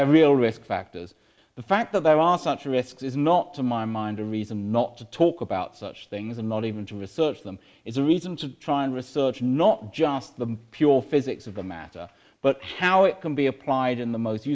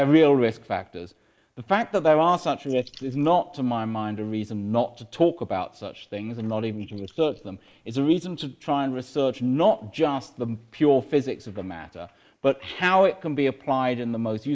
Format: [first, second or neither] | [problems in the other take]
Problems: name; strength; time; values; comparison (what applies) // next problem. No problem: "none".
first | noise reduction (neural mask model Resemble Enhance denoiser)